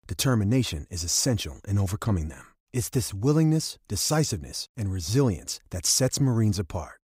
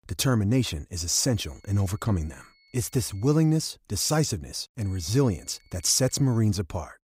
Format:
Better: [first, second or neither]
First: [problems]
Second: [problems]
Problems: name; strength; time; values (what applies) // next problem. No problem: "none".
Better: first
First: none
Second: high-pitched whine; faint; from 1.5 to 3.5 s and from 5 to 6.5 s; 2 kHz, 35 dB below the speech